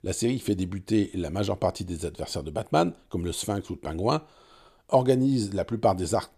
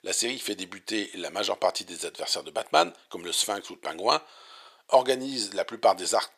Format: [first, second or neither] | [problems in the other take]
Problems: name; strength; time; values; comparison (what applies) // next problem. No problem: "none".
first | thin; very; fading below 600 Hz